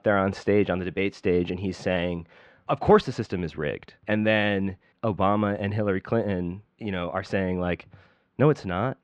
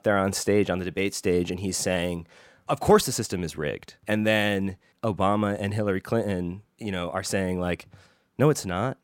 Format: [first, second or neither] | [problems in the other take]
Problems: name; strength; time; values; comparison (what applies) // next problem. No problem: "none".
second | muffled; slightly; fading above 3.5 kHz